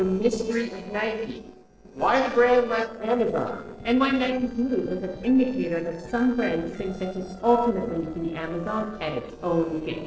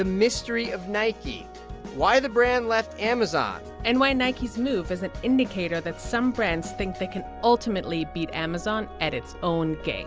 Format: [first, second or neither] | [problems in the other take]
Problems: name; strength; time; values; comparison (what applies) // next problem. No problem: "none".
second | noise reduction (neural separator model SepFormer DNS4)